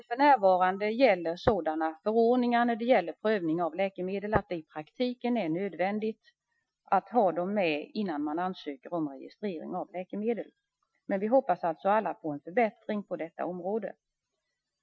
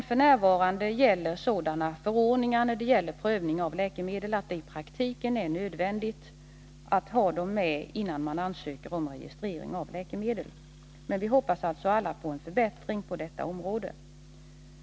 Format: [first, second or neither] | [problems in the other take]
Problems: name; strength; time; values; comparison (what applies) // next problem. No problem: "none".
second | noise reduction (classical method Wiener filter)